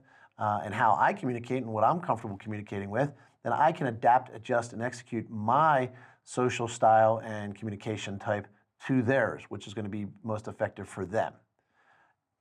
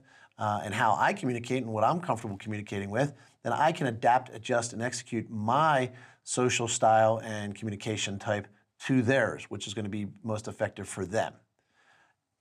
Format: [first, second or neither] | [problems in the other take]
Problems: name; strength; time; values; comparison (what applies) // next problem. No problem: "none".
second | muffled; slightly; fading above 2.5 kHz